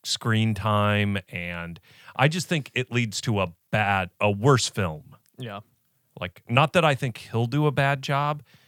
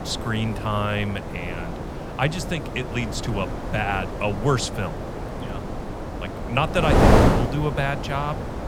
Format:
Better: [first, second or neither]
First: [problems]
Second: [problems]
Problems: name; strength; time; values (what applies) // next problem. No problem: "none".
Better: first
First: none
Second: wind noise on the microphone; heavy; 1 dB below the speech